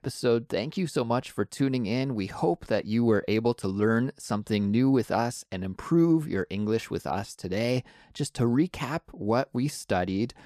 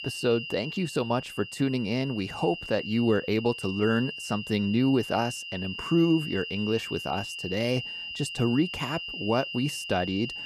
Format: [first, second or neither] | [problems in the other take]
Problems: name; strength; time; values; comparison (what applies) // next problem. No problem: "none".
first | high-pitched whine; loud; throughout; 3 kHz, 8 dB below the speech